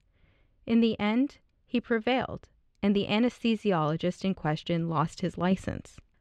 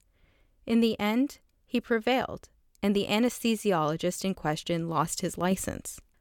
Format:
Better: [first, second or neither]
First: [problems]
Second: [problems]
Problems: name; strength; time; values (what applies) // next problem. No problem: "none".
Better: second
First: muffled; slightly; fading above 3 kHz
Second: none